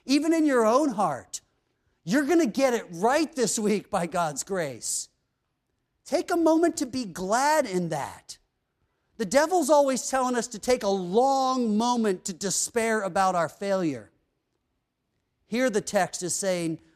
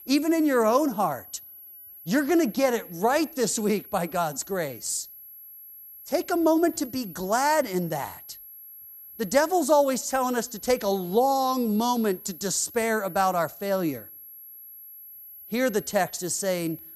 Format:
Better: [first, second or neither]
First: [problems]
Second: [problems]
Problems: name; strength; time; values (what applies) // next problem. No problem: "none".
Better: first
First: none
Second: high-pitched whine; noticeable; throughout; 11.5 kHz, 15 dB below the speech